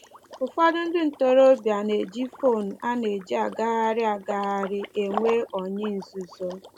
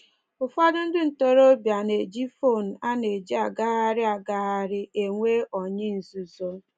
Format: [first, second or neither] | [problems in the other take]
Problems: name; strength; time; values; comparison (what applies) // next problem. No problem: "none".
second | background sound (Liquid); 16 dB below the speech